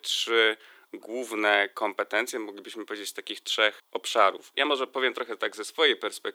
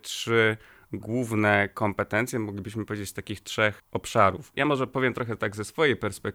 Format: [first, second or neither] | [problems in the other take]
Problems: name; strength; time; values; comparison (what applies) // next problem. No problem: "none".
second | thin; somewhat; fading below 350 Hz